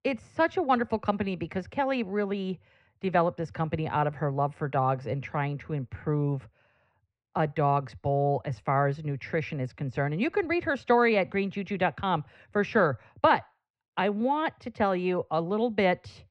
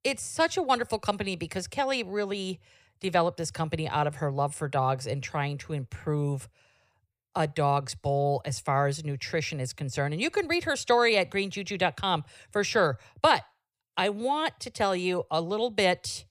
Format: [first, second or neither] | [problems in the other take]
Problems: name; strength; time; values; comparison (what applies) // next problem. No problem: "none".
second | muffled; very; fading above 2 kHz